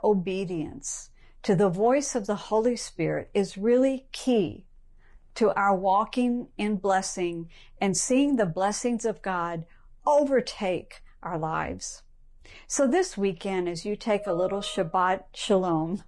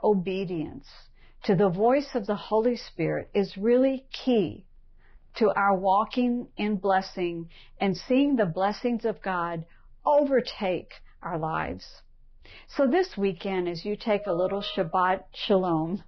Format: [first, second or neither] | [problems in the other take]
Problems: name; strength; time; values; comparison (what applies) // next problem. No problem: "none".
first | garbled, watery; badly; nothing above 5.5 kHz; slightly in the first